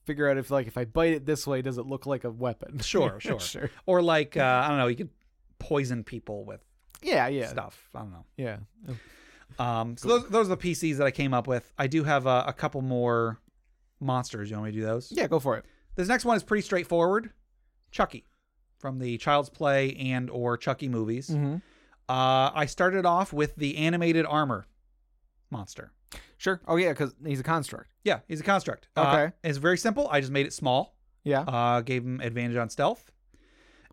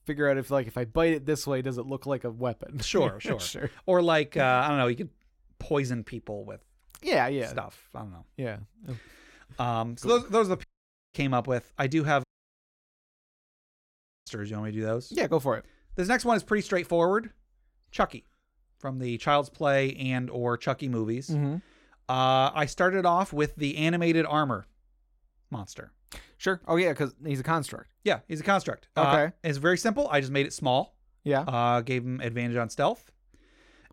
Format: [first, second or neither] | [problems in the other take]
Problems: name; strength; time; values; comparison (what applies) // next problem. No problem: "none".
first | audio cutting out; at 11 s for 0.5 s and at 12 s for 2 s